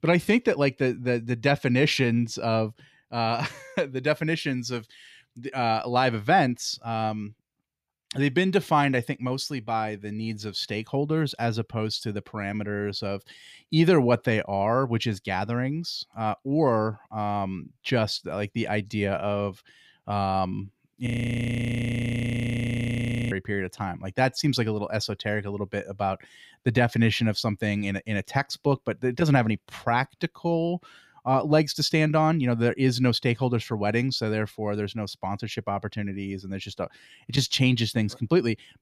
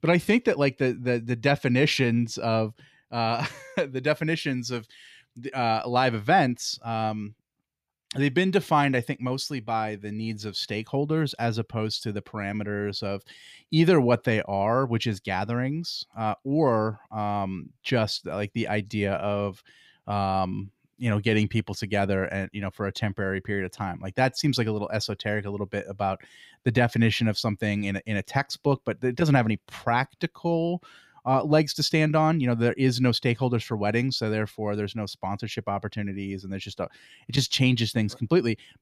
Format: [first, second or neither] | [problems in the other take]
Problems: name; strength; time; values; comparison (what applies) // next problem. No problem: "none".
second | audio freezing; at 21 s for 2.5 s